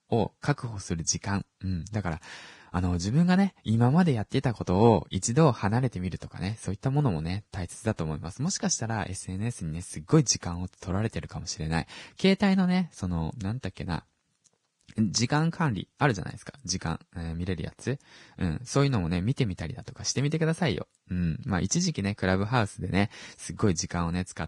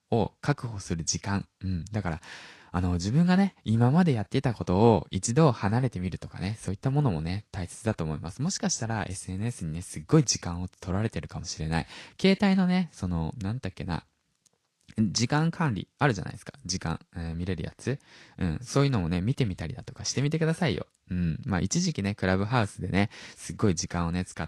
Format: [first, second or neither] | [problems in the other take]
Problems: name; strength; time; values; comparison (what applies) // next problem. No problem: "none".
second | garbled, watery; badly; slightly in the second